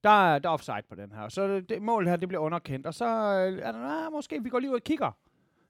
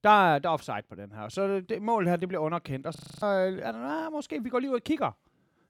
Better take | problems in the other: first | audio freezing; at 3 s

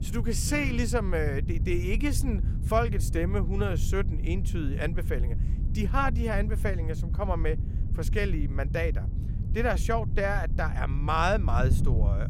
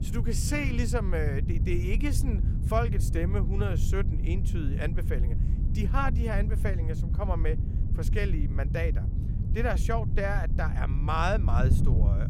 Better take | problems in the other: first | wind noise on the microphone; heavy; 9 dB below the speech; occasional gusts in the first

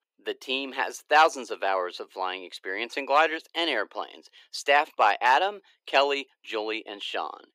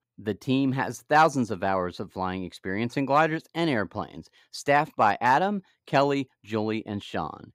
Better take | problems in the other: second | thin; very; fading below 350 Hz

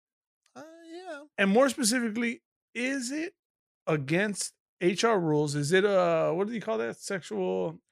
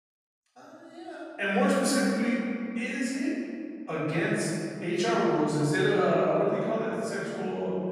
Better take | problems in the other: first | off-mic speech; far // room echo; strong; dies away in 2.4 s

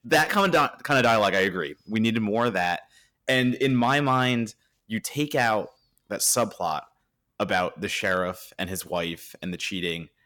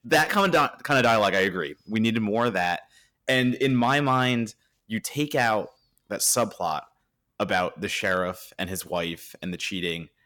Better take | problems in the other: neither | distortion; slight; 2% of the sound clipped; the same in both

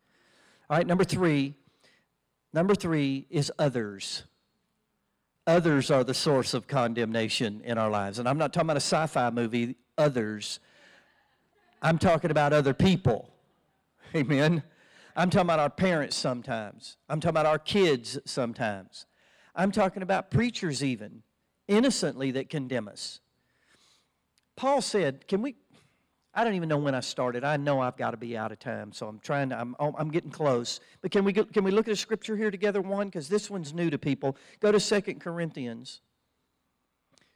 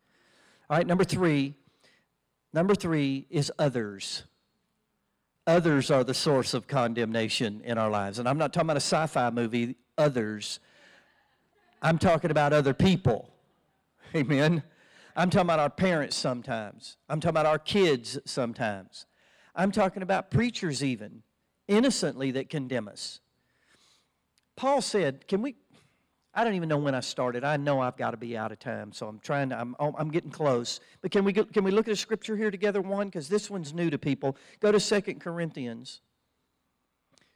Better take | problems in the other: neither | distortion; slight; 10 dB below the speech; the same in both

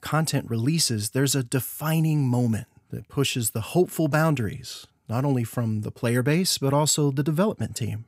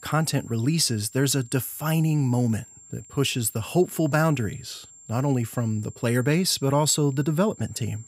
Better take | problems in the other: first | high-pitched whine; faint; throughout; 7.5 kHz, 20 dB below the speech

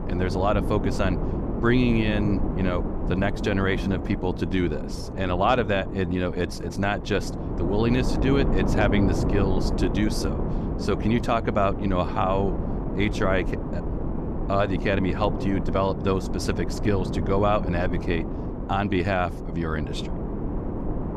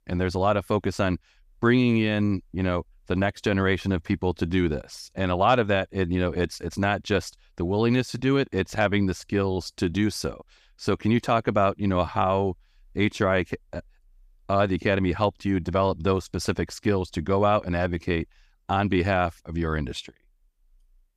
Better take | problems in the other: second | wind noise on the microphone; heavy; 8 dB below the speech

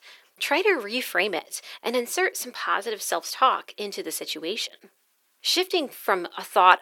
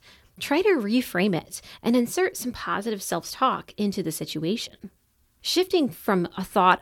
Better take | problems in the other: second | thin; very; fading below 450 Hz

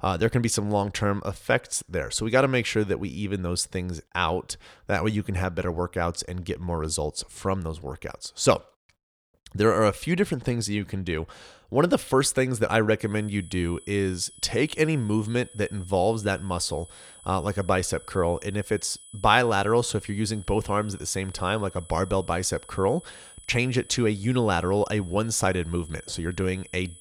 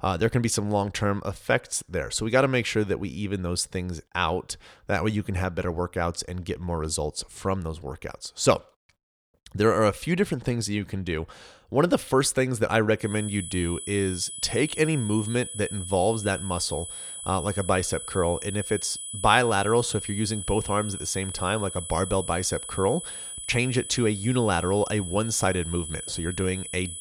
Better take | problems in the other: first | high-pitched whine; loud; from 13 s on; 10 kHz, 8 dB below the speech; faint in the first

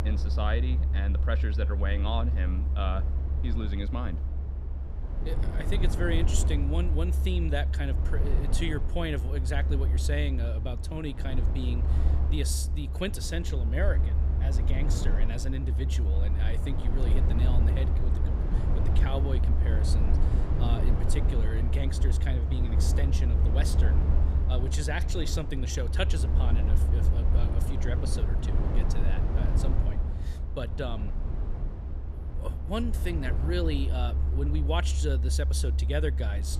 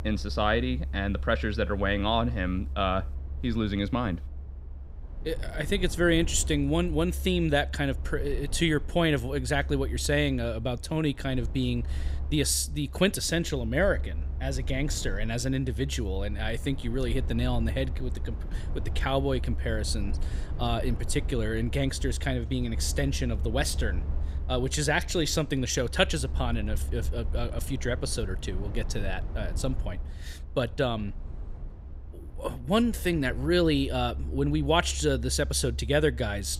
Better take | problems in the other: second | low rumble; loud; throughout; 6 dB below the speech; faint in the second

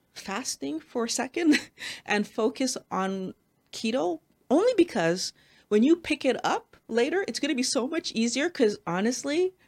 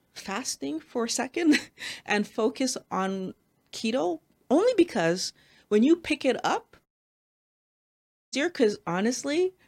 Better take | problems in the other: first | audio cutting out; at 7 s for 1.5 s

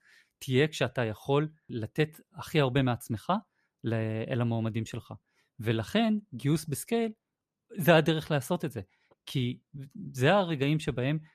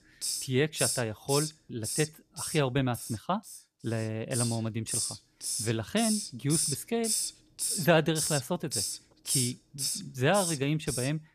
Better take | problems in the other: first | hiss; loud; throughout; 2 dB below the speech

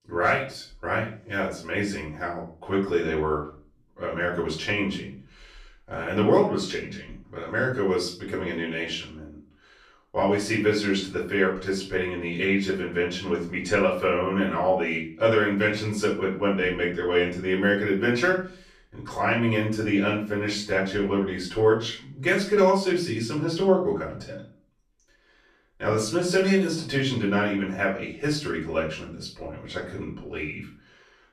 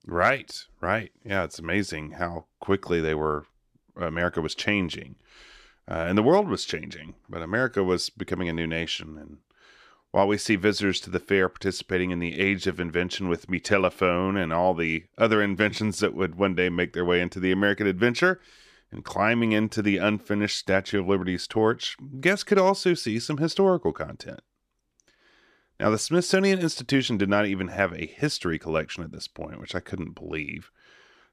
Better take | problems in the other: second | off-mic speech; far // room echo; slight; dies away in 0.4 s

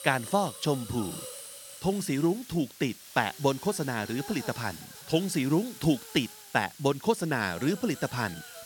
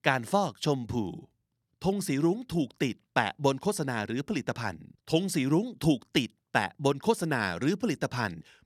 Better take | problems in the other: second | hiss; noticeable; throughout; 15 dB below the speech

